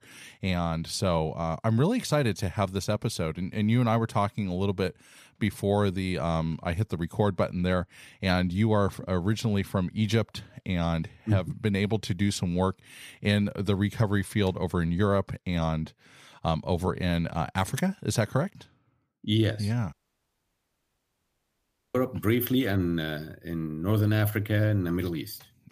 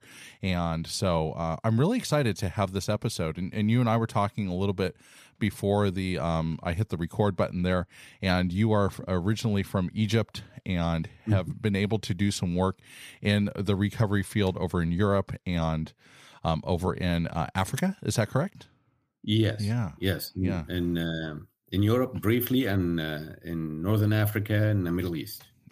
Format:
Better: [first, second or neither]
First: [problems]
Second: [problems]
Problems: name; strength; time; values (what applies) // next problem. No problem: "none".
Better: second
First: audio cutting out; at 20 s for 2 s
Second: none